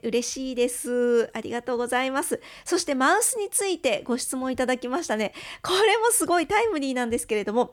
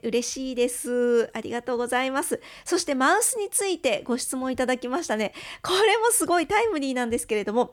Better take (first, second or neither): neither